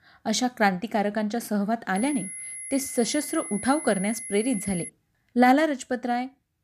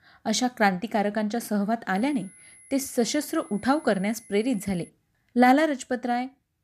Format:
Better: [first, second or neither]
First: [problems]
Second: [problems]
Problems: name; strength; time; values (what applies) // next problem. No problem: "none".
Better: second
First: high-pitched whine; loud; from 2 to 5 s; 10.5 kHz, 9 dB below the speech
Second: high-pitched whine; faint; from 2 to 5 s; 10.5 kHz, 25 dB below the speech